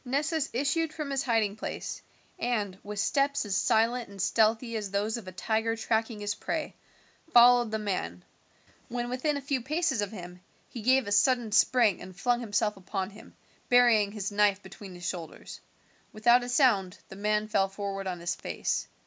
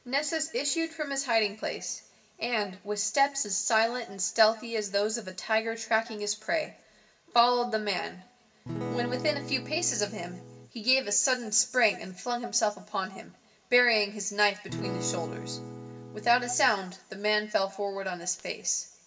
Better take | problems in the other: first | background sound (Acoustic guitar / Strum); 8 dB below the speech // room echo; dies away in 0.7 s

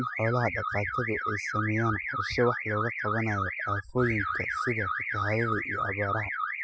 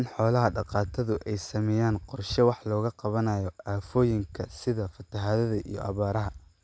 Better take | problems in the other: second | noise reduction (classical method spectral subtraction)

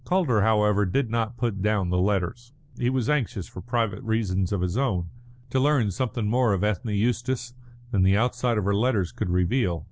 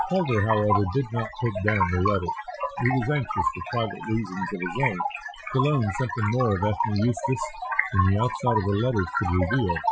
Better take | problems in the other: first | noise reduction (classical method Wiener filter)

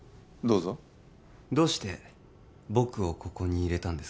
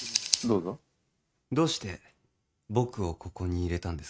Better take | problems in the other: first | noise reduction (neural mask model RNNoise)

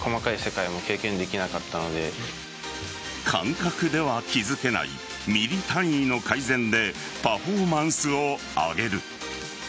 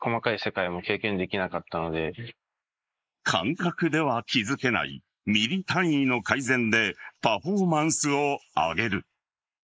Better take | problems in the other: first | noise reduction (neural mask model Resemble Enhance denoiser)

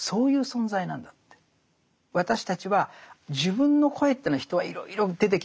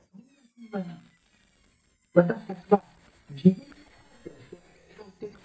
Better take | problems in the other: first | noise reduction (neural mask model DeepFilterNet 3)

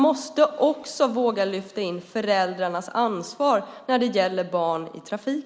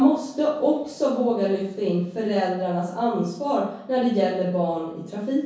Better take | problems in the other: first | room echo; dies away in 0.6 s

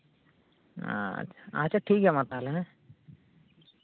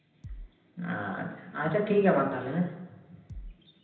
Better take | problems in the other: first | background sound (Bass drum); 13 dB below the speech // room echo; dies away in 0.9 s

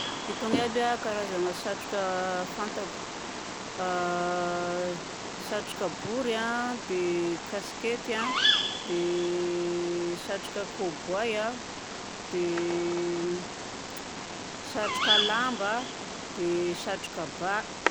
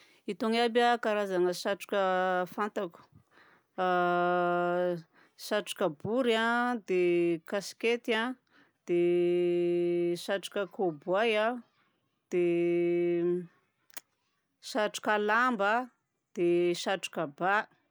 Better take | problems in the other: second | background sound (Bird vocalization, bird call, bird song); 2 dB below the speech

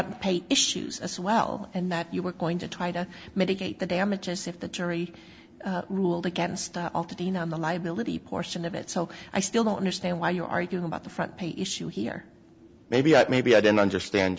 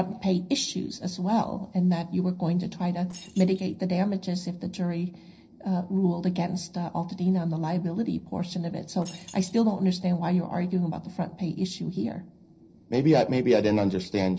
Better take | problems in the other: first | noise reduction (neural separator model SepFormer DNS4)

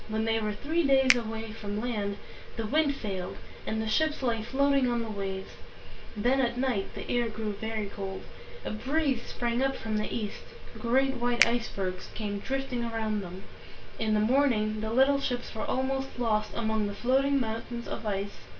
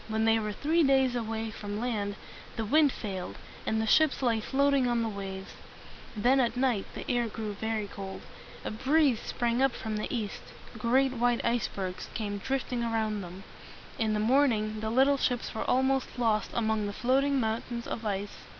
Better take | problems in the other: second | background sound (Finger snapping); 9 dB below the speech // room echo; dies away in 0.3 s

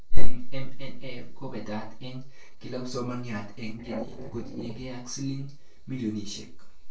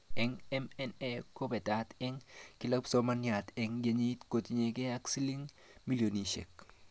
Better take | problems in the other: second | noise reduction (neural separator model SepFormer DNS4)

